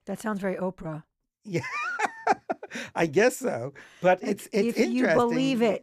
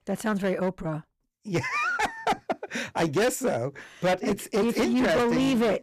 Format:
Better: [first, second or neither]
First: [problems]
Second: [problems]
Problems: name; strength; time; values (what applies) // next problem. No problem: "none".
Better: first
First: none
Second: distortion; heavy; 14% of the sound clipped